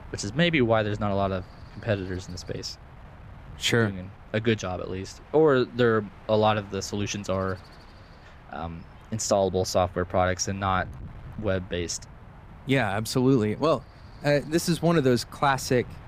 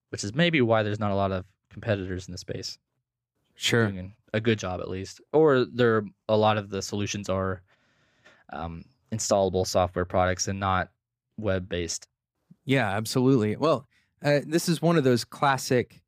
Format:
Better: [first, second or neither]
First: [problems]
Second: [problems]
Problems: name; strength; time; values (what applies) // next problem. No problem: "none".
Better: second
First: wind noise on the microphone; occasional gusts; 25 dB below the speech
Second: none